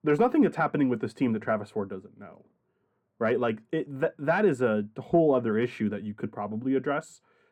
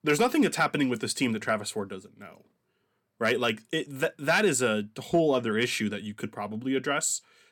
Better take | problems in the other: second | muffled; very; fading above 2.5 kHz

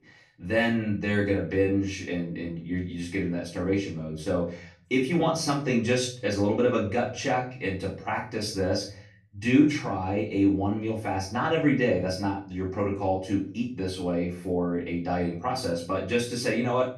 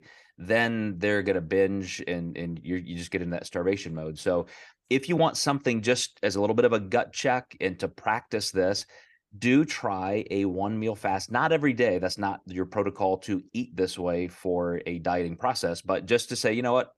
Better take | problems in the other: second | off-mic speech; far // room echo; slight; dies away in 0.5 s

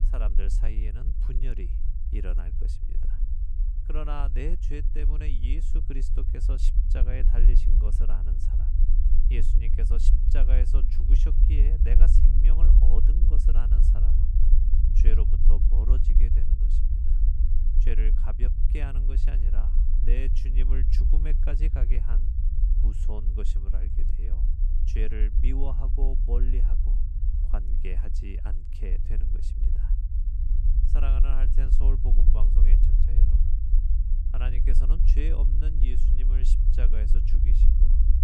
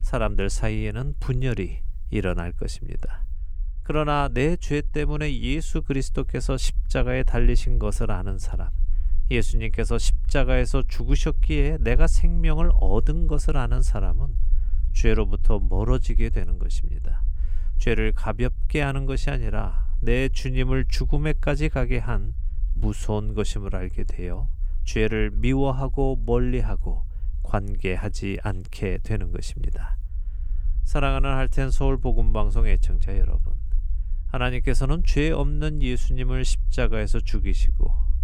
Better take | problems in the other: second | low rumble; loud; throughout; 4 dB below the speech; faint in the second

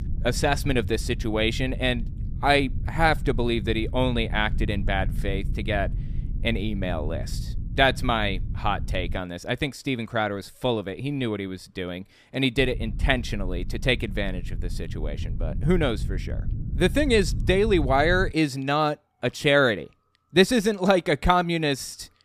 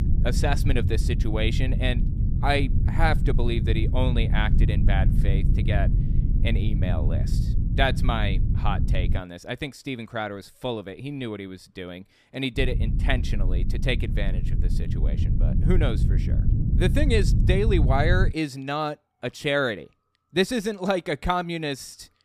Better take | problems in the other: first | low rumble; loud; until 9 s and from 13 to 18 s; 10 dB below the speech; faint in the first

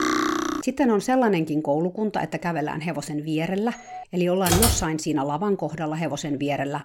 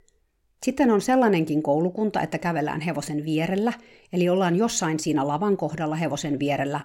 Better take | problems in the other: second | clattering dishes; loud; at the start; peak 2 dB above the speech // doorbell; faint; at 3.5 s; peak 15 dB below the speech // keyboard typing; loud; at 4.5 s; peak 4 dB above the speech

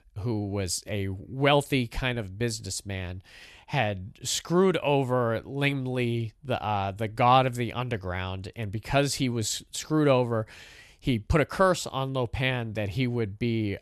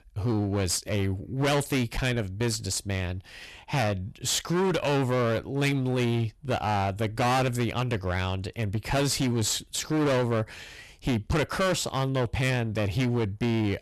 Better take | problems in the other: first | distortion; heavy; 19% of the sound clipped

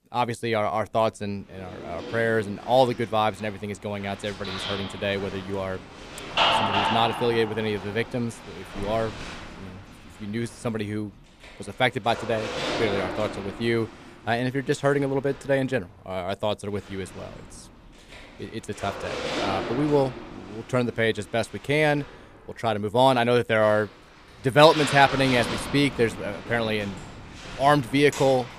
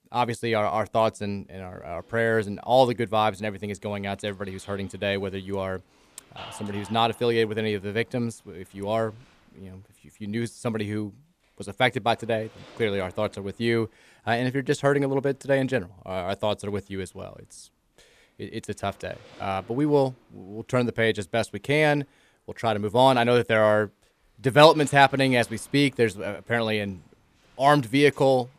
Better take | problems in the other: second | household noises; loud; throughout; 6 dB below the speech; faint in the second

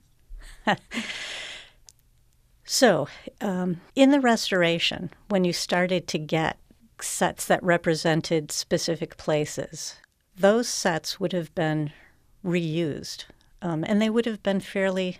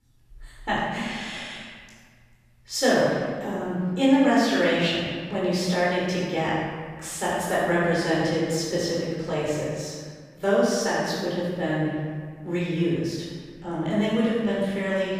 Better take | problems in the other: first | off-mic speech; far // room echo; strong; dies away in 1.6 s

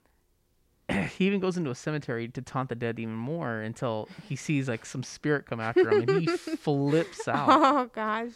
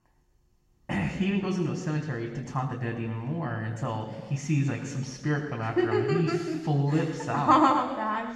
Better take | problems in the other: first | room echo; noticeable; dies away in 1.2 s // off-mic speech; far

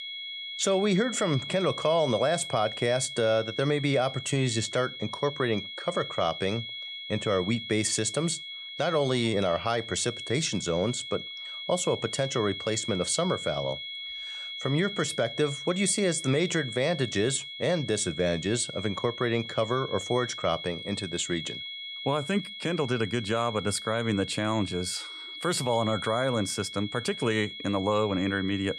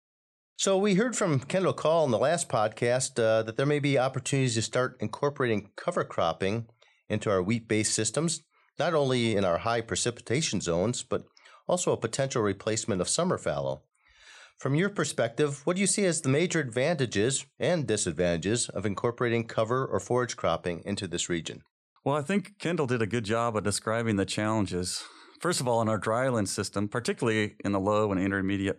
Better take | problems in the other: second | high-pitched whine; loud; throughout; 3.5 kHz, 8 dB below the speech

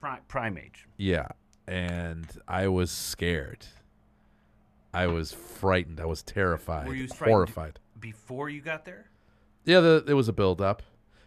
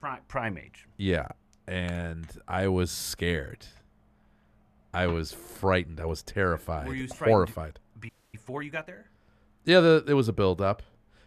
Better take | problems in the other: first | audio freezing; at 8 s

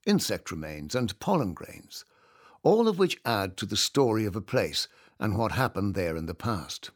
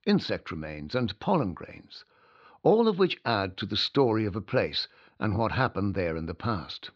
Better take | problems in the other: first | muffled; very slightly; fading above 4 kHz

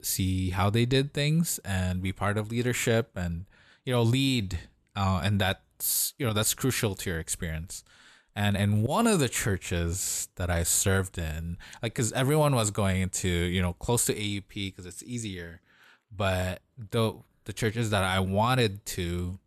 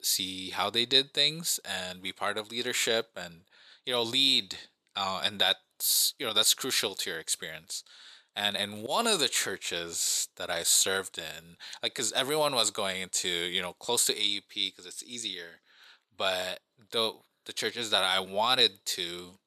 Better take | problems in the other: first | thin; somewhat; fading below 400 Hz

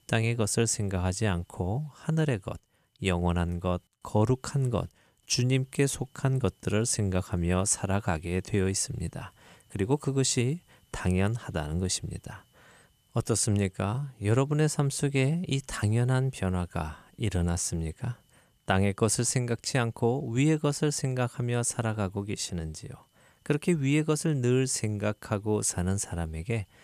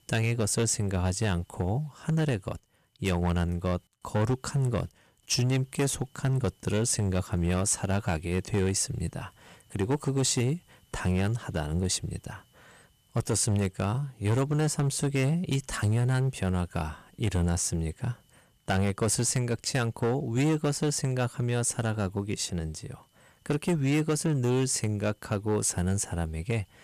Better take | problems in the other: first | distortion; slight; 7% of the sound clipped

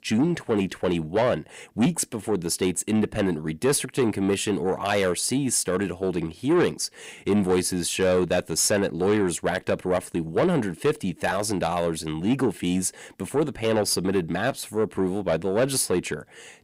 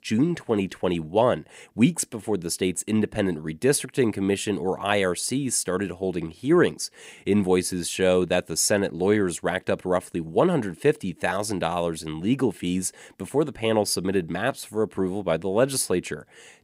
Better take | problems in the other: second | distortion; slight; 10 dB below the speech

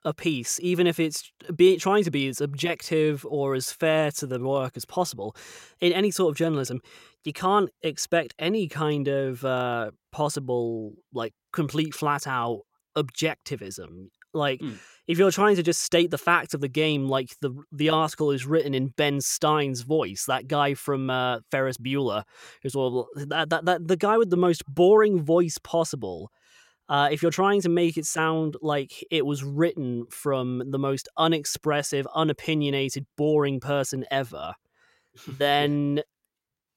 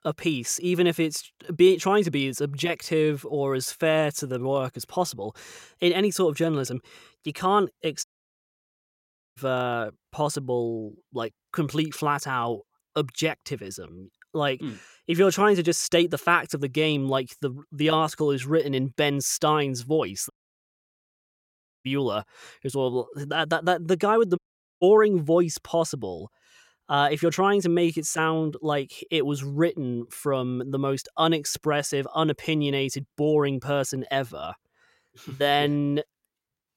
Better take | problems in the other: first | audio cutting out; at 8 s for 1.5 s, at 20 s for 1.5 s and at 24 s

